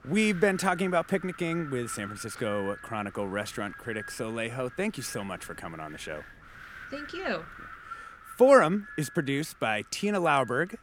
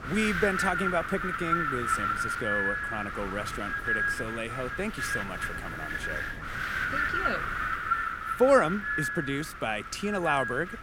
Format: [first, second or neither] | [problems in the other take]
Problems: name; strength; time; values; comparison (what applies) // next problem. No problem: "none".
first | wind noise on the microphone; heavy; 2 dB above the speech; occasional gusts in the first